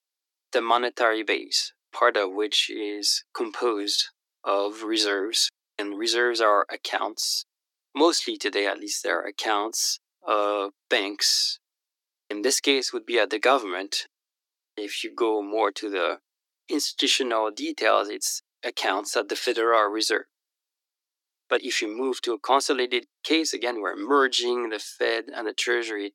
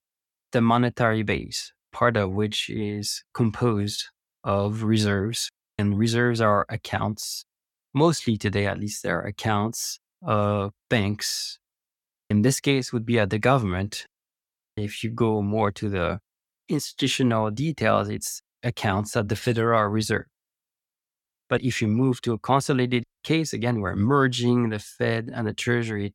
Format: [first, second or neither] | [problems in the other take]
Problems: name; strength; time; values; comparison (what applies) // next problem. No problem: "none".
second | thin; very; fading below 300 Hz